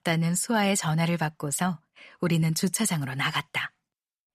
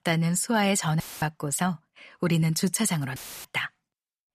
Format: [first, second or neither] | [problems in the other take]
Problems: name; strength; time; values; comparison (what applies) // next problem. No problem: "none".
first | audio cutting out; filled with static; at 1 s and at 3 s